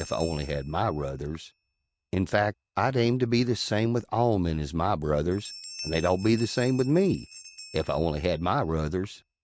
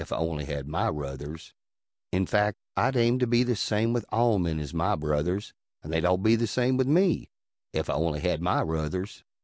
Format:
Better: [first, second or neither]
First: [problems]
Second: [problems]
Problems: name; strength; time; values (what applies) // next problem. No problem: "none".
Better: second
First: noise reduction (neural mask model RNNoise)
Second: none